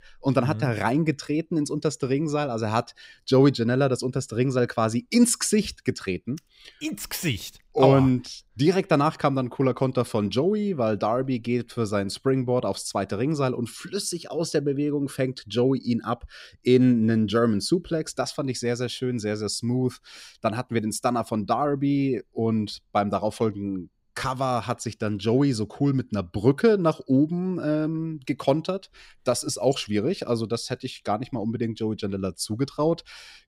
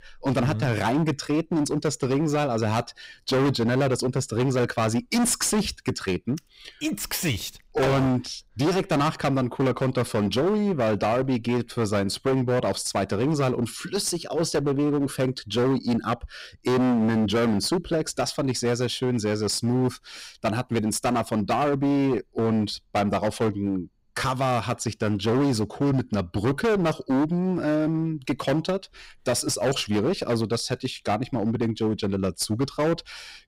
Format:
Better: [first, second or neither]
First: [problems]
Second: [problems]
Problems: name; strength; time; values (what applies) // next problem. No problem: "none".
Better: first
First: none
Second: distortion; heavy; 20% of the sound clipped